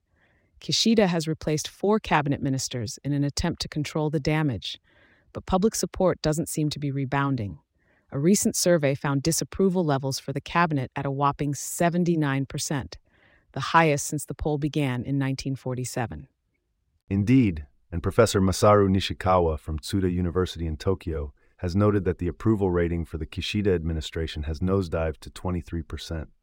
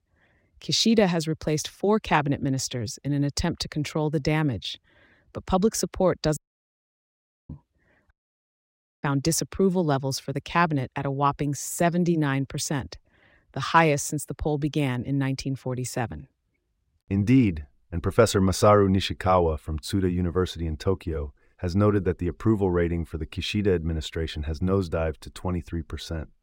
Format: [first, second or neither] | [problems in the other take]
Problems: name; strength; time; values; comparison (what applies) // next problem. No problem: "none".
first | audio cutting out; at 6.5 s for 1 s and at 8 s for 1 s